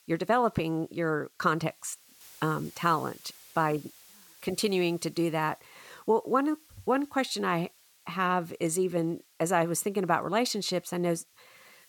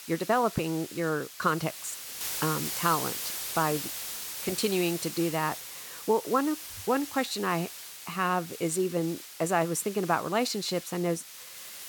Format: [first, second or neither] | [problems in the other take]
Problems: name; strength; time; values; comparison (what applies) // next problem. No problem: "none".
first | hiss; loud; throughout; 7 dB below the speech; faint in the first